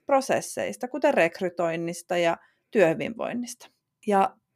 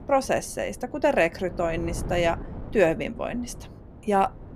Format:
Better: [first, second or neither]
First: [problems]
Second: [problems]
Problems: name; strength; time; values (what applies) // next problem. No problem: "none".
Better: first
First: none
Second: wind noise on the microphone; occasional gusts; 20 dB below the speech